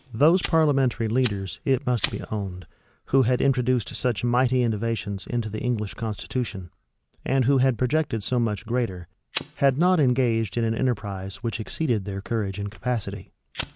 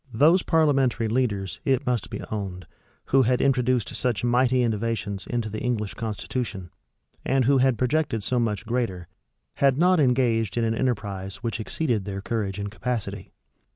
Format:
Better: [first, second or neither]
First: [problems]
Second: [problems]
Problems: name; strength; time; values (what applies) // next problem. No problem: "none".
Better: second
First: background sound (Fire); 20 dB below the speech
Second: none